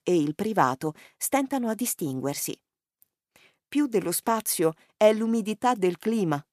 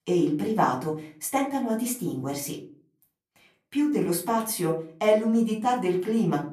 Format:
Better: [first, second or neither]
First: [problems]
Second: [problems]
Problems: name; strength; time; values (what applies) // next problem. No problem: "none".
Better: first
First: none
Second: off-mic speech; far // room echo; very slight; dies away in 0.4 s